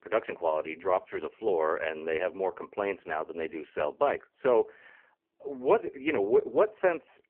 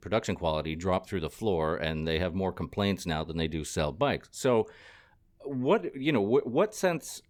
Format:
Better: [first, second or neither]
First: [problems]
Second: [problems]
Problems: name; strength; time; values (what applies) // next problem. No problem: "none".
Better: second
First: phone-call audio; poor line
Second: none